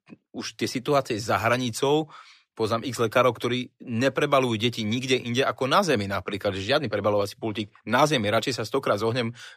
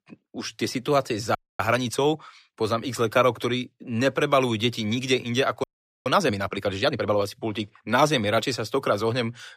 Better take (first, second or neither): first